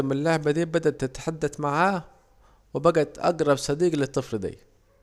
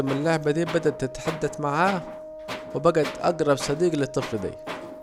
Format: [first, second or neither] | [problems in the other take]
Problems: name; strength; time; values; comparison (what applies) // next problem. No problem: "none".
first | background sound (Wind instrument, woodwind instrument + Tools); 11 dB below the speech